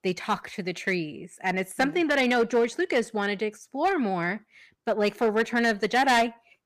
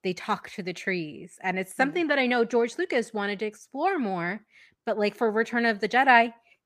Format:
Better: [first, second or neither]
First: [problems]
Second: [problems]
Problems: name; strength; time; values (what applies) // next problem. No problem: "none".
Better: second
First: distortion; slight; 5% of the sound clipped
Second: none